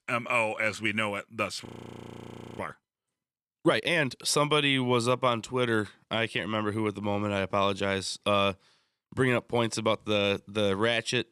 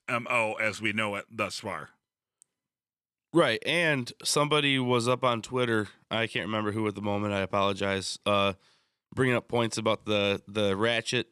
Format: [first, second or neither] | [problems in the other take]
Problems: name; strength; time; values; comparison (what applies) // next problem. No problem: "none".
second | audio freezing; at 1.5 s for 1 s